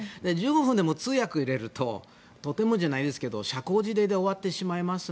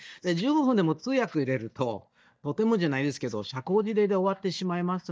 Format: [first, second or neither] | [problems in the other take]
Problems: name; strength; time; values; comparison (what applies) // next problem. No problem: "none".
first | noise reduction (neural mask model DeepFilterNet 3)